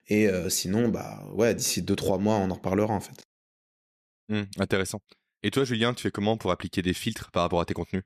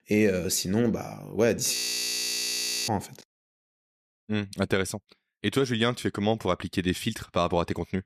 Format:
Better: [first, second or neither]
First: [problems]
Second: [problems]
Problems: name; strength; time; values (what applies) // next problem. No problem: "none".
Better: first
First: none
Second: audio freezing; at 2 s for 1 s